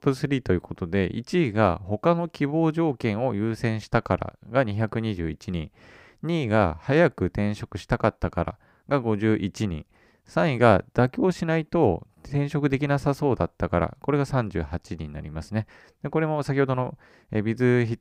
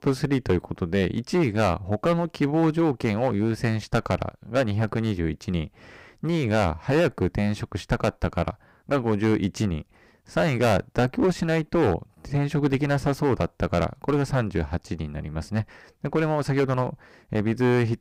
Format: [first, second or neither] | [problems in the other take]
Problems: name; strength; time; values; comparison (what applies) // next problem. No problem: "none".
first | distortion; heavy; 7% of the sound clipped